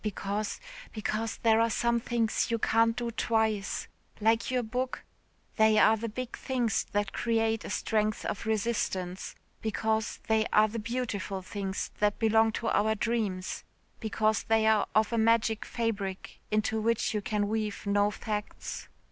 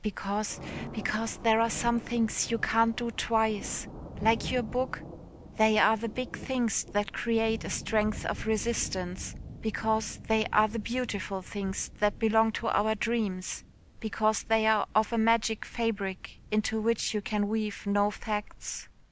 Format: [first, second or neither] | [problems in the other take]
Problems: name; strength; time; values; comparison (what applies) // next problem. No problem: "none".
first | background sound (Thunder); 15 dB below the speech